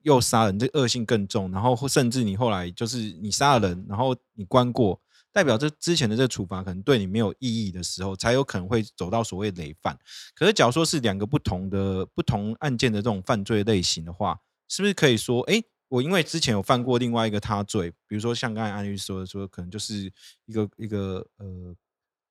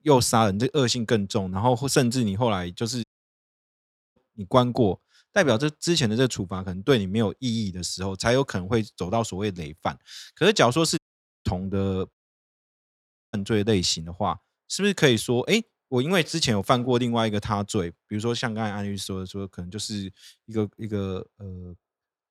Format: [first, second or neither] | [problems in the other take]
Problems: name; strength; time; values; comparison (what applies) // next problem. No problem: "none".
first | audio cutting out; at 3 s for 1 s, at 11 s and at 12 s for 1 s